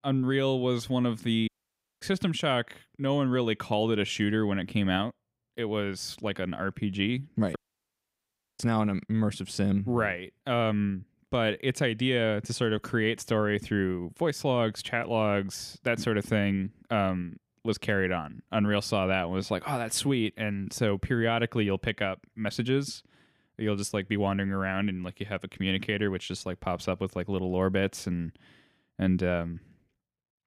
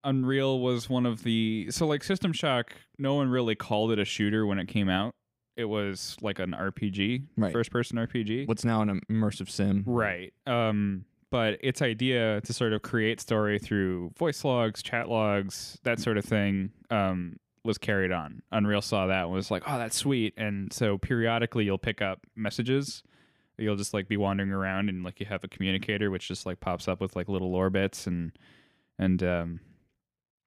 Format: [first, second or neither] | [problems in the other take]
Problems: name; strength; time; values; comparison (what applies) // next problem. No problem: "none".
second | audio cutting out; at 1.5 s for 0.5 s and at 7.5 s for 1 s